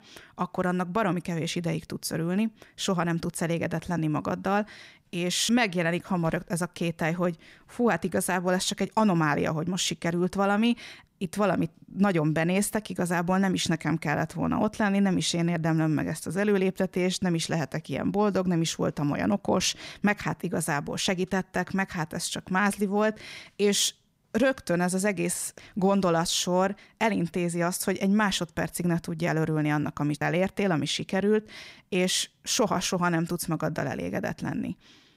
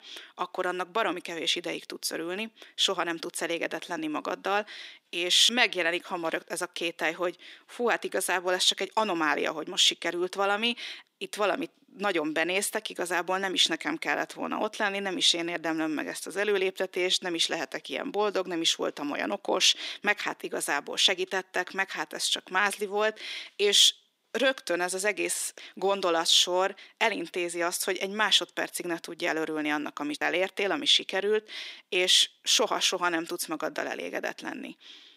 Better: first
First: none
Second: thin; somewhat; fading below 300 Hz

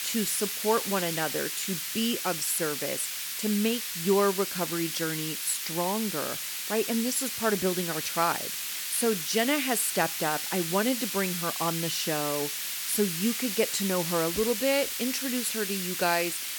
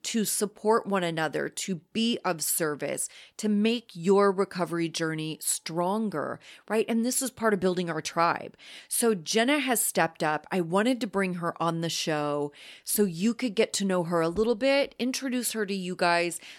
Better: second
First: hiss; loud; throughout; 2 dB below the speech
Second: none

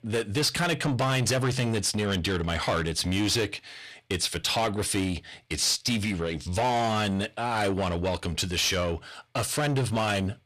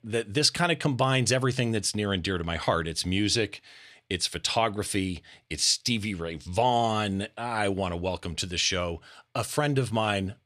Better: second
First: distortion; heavy; 8 dB below the speech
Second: none

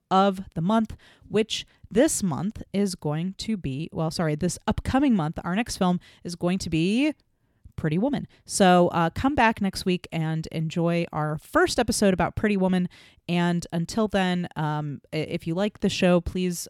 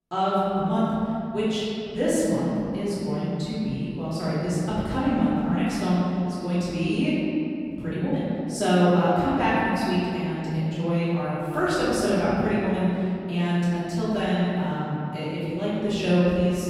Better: first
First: none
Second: room echo; strong; dies away in 2.5 s // off-mic speech; far

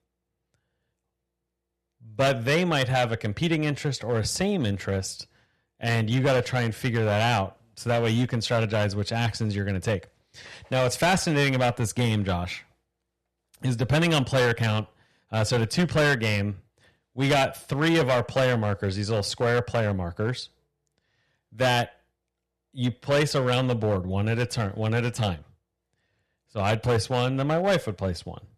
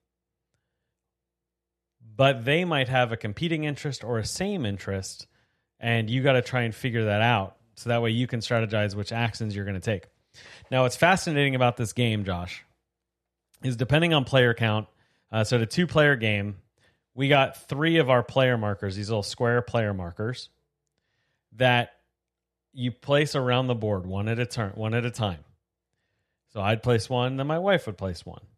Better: second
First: distortion; heavy; 7% of the sound clipped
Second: none

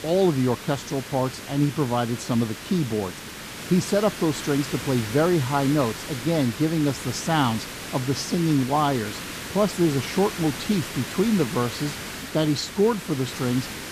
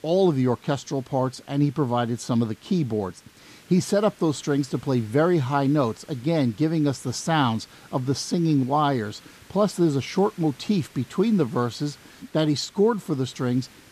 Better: second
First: hiss; loud; throughout; 9 dB below the speech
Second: hiss; faint; throughout; 25 dB below the speech

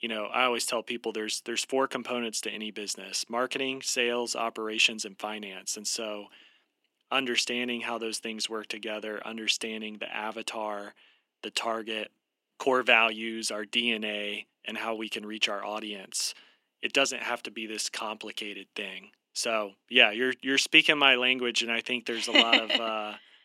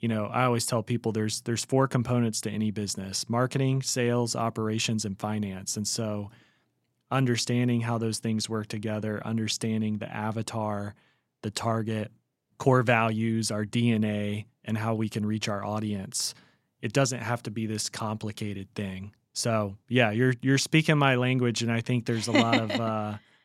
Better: second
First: thin; somewhat; fading below 300 Hz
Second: none

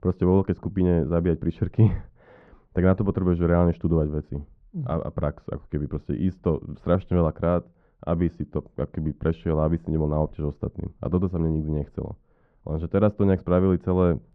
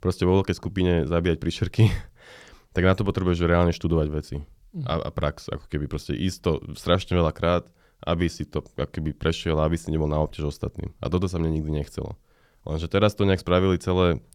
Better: second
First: muffled; very; fading above 1 kHz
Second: none

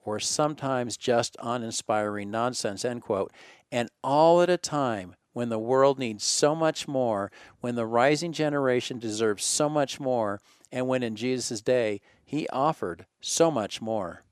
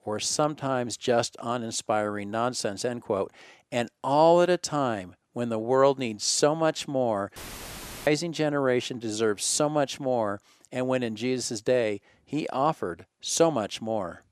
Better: first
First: none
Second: audio cutting out; filled with static; at 7.5 s for 0.5 s

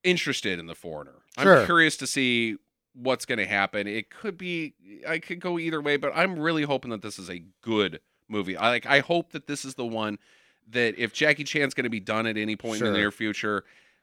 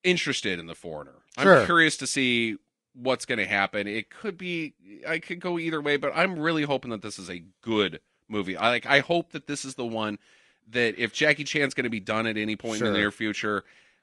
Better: first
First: none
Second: garbled, watery; slightly; nothing above 10 kHz

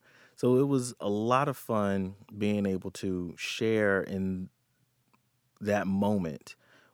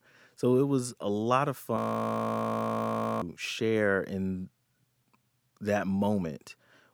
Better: first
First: none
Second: audio freezing; at 2 s for 1.5 s

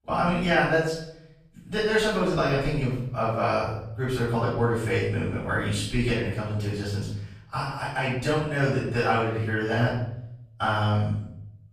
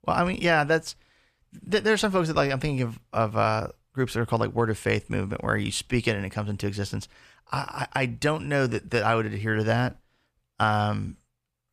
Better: second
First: off-mic speech; far // room echo; noticeable; dies away in 0.7 s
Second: none

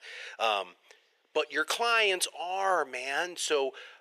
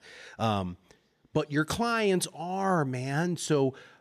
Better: second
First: thin; very; fading below 450 Hz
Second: none

